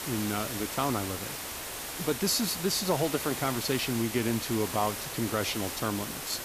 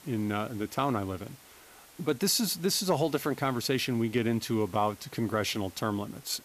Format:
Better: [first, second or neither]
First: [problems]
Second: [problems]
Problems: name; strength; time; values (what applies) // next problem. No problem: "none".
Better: second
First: hiss; loud; throughout; 4 dB below the speech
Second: hiss; faint; throughout; 20 dB below the speech